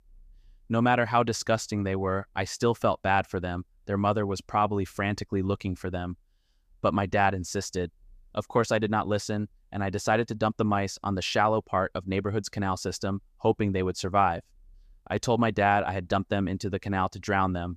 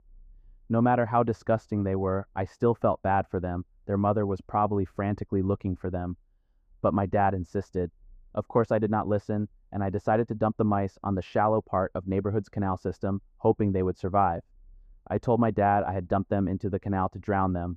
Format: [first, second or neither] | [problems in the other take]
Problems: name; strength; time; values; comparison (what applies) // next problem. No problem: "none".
first | muffled; very; fading above 2 kHz